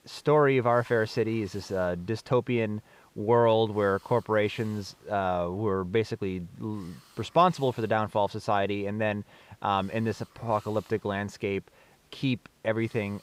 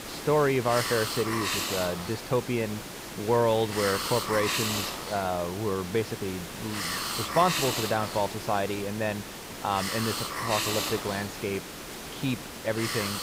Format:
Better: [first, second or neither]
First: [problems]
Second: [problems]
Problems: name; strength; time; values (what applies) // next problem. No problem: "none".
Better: first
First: hiss; faint; throughout; 30 dB below the speech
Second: hiss; loud; throughout; 3 dB below the speech